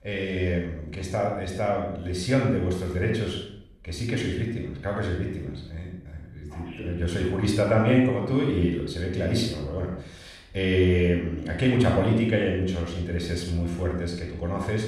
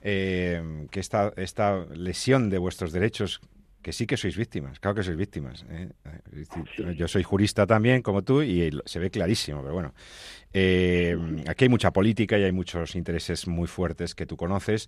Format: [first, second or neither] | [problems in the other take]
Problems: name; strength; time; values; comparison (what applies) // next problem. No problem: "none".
second | off-mic speech; somewhat distant // room echo; noticeable; dies away in 0.6 s